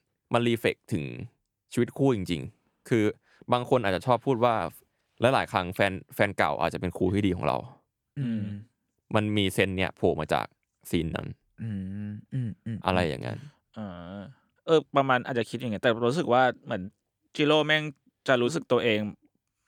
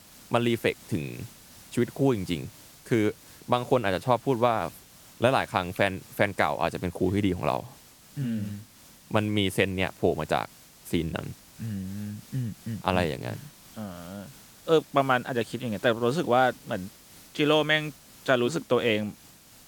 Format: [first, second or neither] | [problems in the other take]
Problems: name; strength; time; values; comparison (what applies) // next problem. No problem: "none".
first | hiss; faint; throughout; 20 dB below the speech